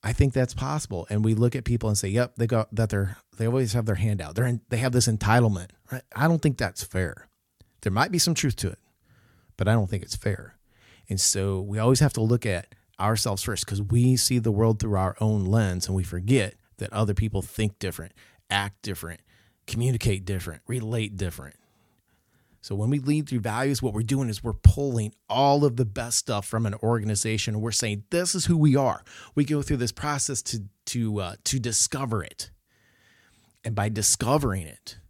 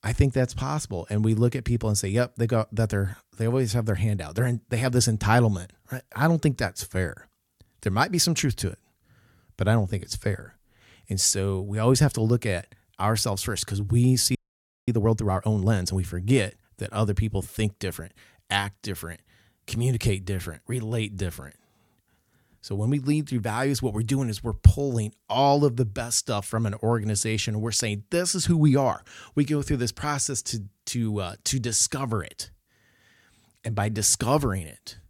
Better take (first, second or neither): first